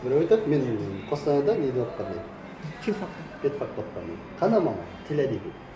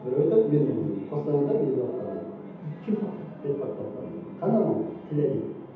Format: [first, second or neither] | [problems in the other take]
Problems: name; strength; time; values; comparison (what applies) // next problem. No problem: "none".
first | room echo; dies away in 0.8 s